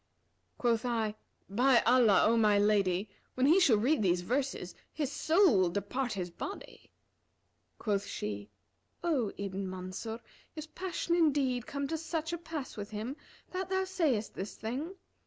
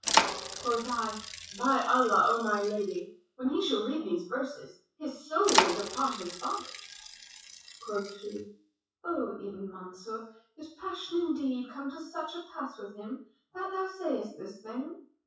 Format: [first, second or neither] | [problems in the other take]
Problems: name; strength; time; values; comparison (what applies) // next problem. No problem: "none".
first | noise reduction (classical method WPE with log-MMSE)